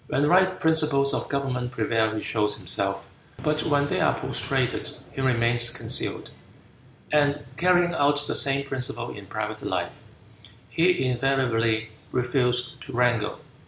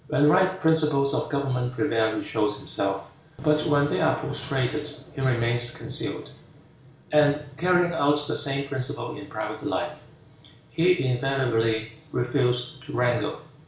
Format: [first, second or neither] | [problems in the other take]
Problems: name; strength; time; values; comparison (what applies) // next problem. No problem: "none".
first | room echo; dies away in 0.4 s